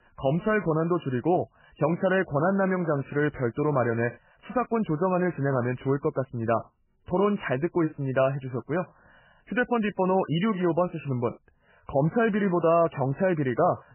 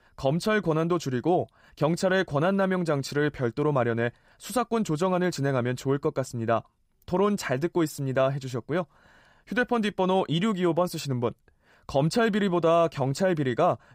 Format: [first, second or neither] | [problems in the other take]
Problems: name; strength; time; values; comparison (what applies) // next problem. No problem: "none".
second | garbled, watery; badly; nothing above 3 kHz